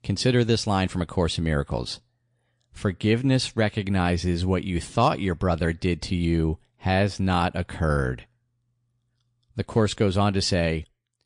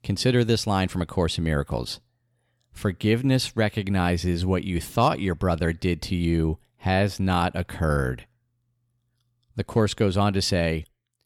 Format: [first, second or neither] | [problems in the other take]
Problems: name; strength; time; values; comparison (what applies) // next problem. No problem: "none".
second | garbled, watery; slightly